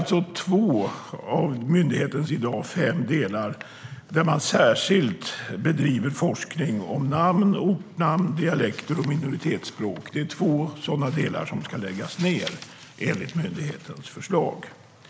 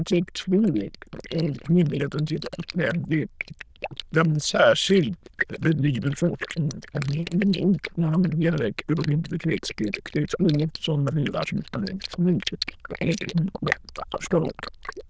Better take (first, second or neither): first